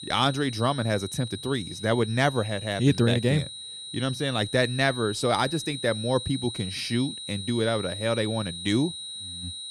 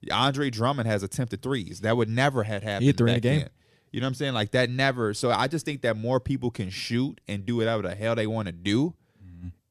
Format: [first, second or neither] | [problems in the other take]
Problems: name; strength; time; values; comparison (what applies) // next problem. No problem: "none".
second | high-pitched whine; loud; throughout; 4 kHz, 9 dB below the speech